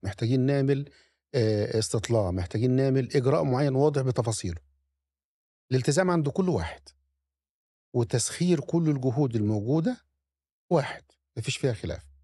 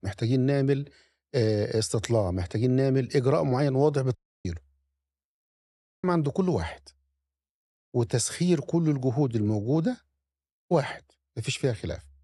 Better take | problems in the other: first | audio cutting out; at 4 s and at 5.5 s

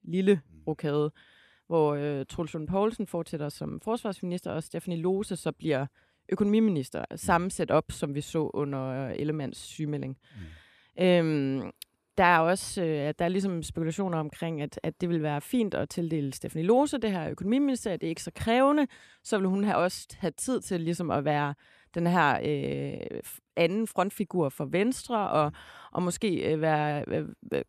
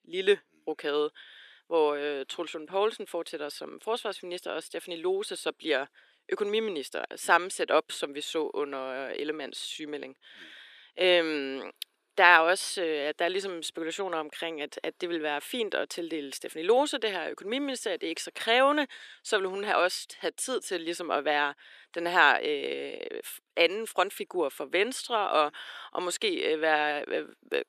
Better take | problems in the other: first | thin; somewhat; fading below 350 Hz

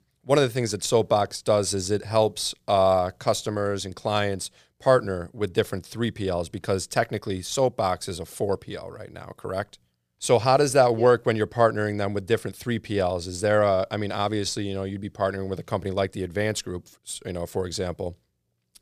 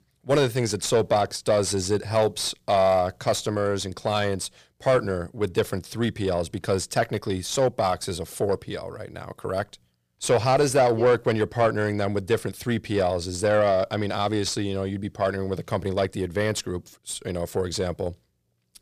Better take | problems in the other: first | distortion; slight; 10 dB below the speech

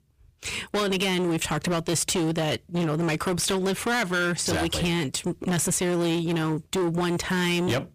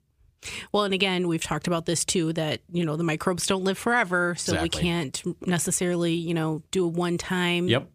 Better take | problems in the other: second | distortion; heavy; 27% of the sound clipped

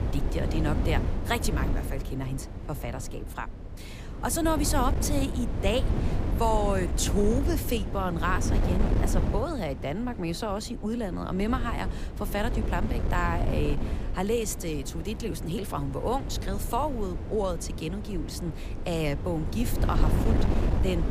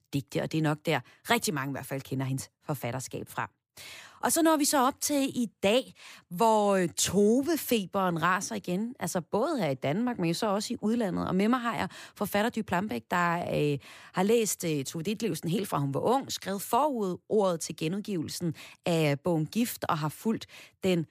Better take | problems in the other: second | wind noise on the microphone; heavy; 7 dB below the speech

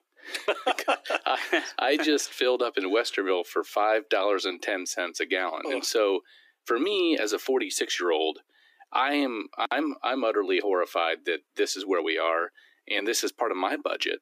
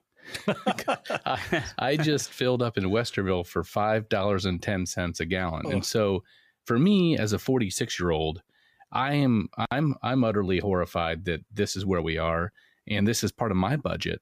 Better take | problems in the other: second | thin; somewhat; fading below 300 Hz

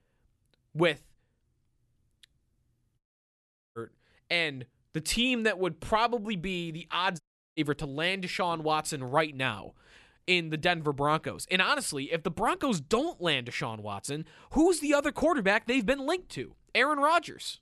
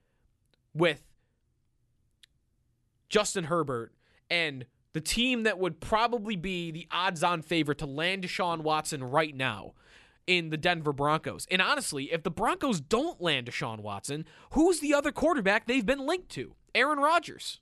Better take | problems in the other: second | audio cutting out; at 3 s for 1 s and at 7 s

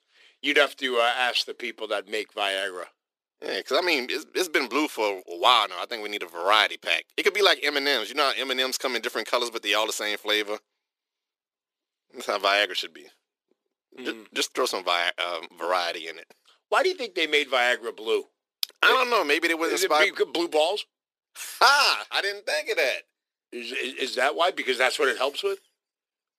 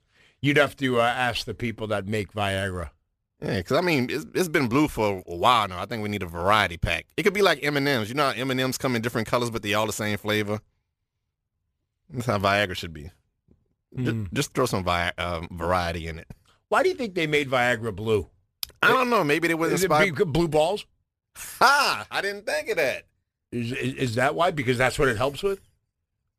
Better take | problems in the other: second | thin; somewhat; fading below 300 Hz

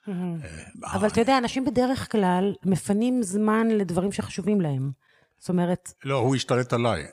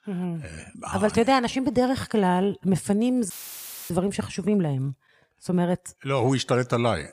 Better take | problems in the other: first | audio cutting out; filled with static; at 3.5 s for 0.5 s

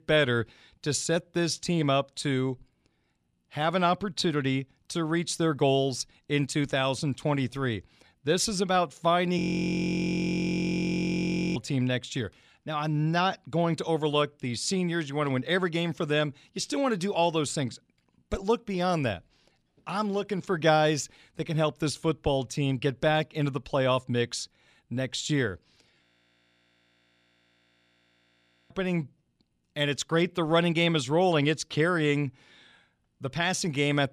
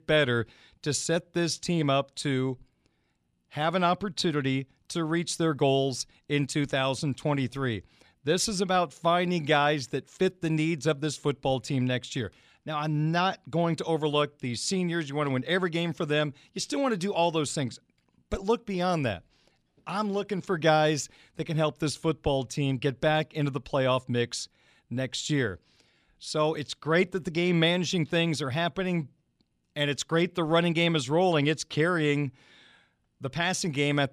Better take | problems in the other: second | audio freezing; at 9.5 s for 2 s and at 26 s for 2.5 s

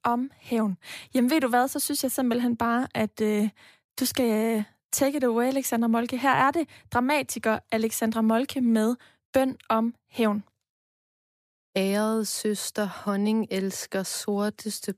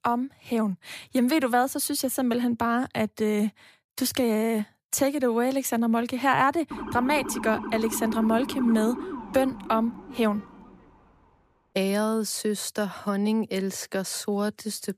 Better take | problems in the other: first | siren; noticeable; from 6.5 to 11 s; peak 7 dB below the speech

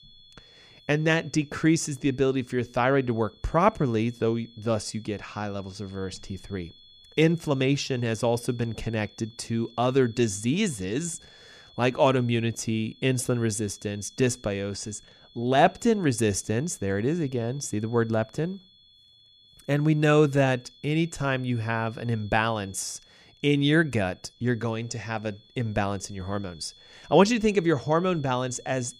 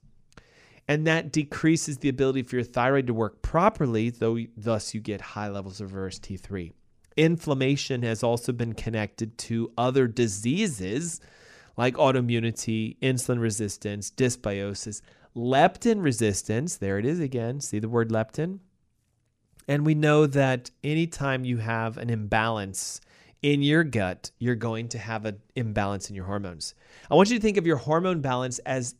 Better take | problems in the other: second | high-pitched whine; faint; throughout; 3.5 kHz, 25 dB below the speech

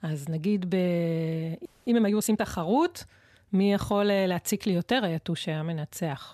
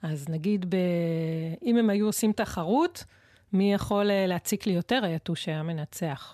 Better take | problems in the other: second | audio freezing; at 1.5 s

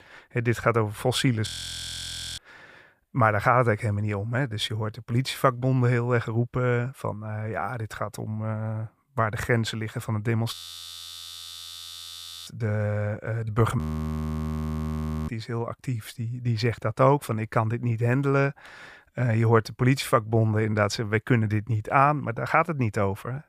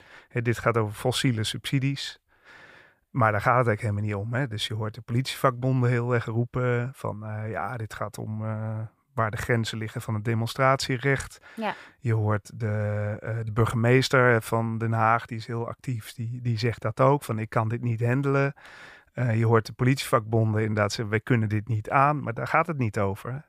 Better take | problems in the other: second | audio freezing; at 1.5 s for 1 s, at 11 s for 2 s and at 14 s for 1.5 s

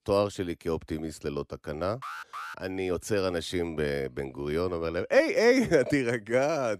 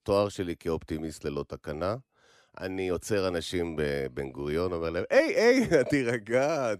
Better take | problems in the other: second | alarm; faint; at 2 s; peak 10 dB below the speech

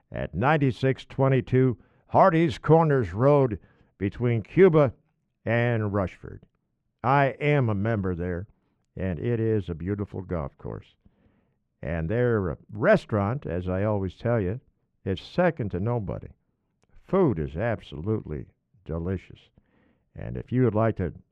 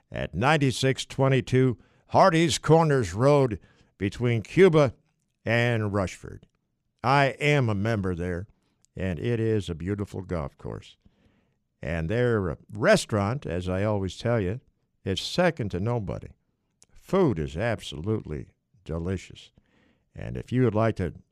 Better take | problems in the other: second | muffled; very; fading above 3.5 kHz

